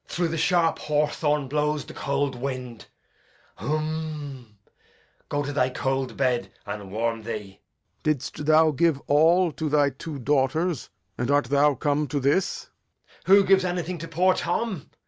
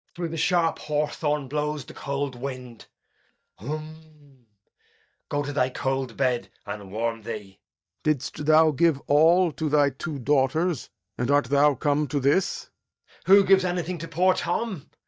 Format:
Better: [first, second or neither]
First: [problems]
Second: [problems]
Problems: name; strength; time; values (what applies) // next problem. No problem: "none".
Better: first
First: none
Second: noise reduction (neural mask model DeepFilterNet 3)